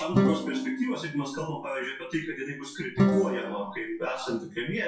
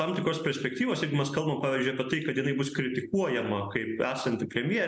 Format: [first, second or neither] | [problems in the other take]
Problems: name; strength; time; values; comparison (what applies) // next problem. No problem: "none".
second | noise reduction (classical method WPE with log-MMSE)